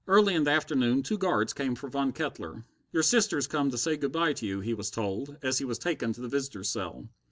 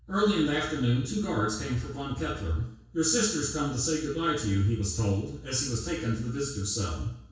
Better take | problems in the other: first | room echo; dies away in 0.6 s

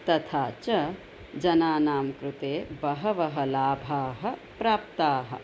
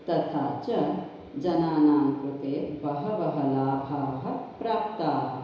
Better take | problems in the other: first | room echo; dies away in 1 s

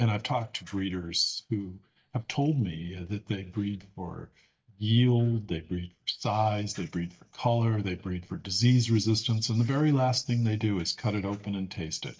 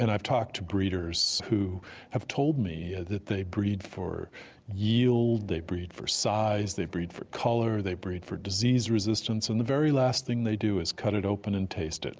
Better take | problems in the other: second | noise reduction (neural mask model DeepFilterNet 3)

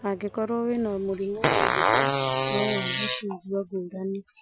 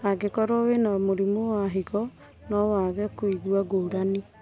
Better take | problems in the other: second | noise reduction (classical method Wiener filter)

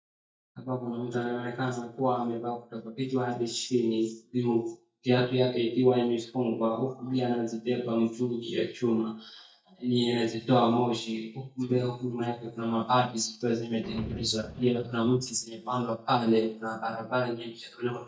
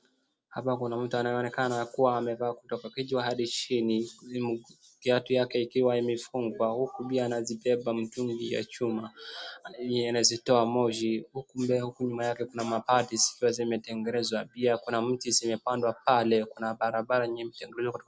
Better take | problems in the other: second | noise reduction (neural mask model DeepFilterNet 3)

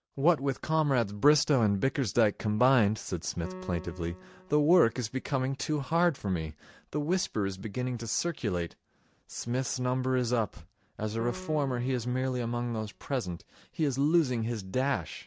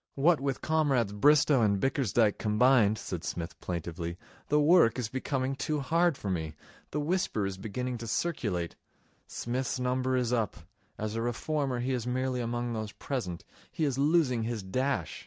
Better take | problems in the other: second | background sound (Piano); 19 dB below the speech

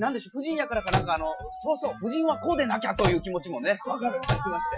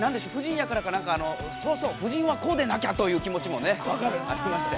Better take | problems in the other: second | noise reduction (classical method Wiener filter)

